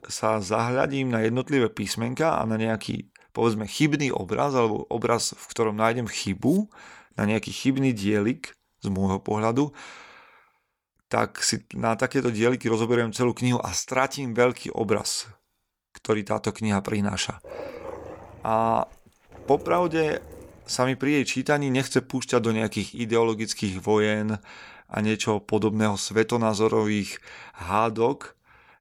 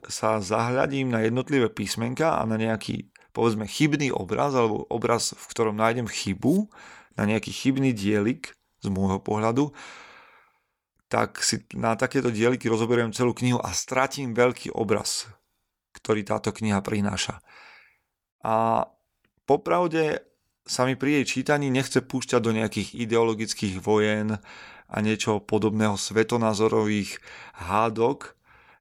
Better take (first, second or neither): second